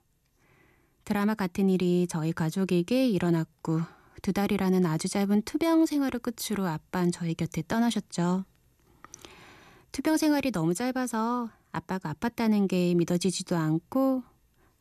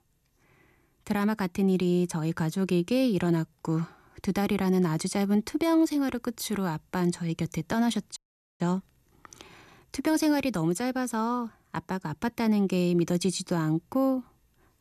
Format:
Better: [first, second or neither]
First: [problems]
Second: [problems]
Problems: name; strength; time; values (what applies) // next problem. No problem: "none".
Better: first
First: none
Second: audio freezing; at 8 s